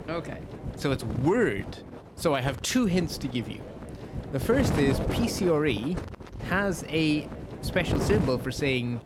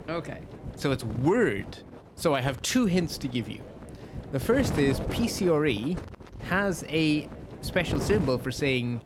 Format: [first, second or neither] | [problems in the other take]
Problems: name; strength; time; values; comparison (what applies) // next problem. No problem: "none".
second | wind noise on the microphone; heavy; 9 dB below the speech; occasional gusts in the second